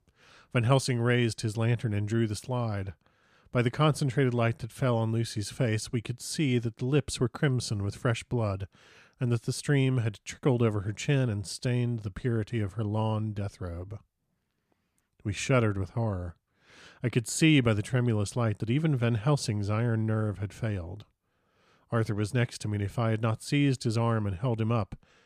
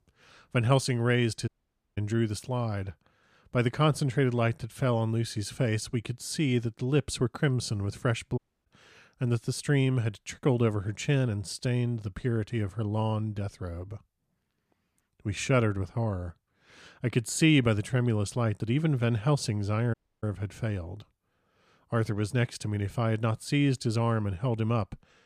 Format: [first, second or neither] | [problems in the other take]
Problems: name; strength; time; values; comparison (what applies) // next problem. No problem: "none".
first | audio cutting out; at 1.5 s, at 8.5 s and at 20 s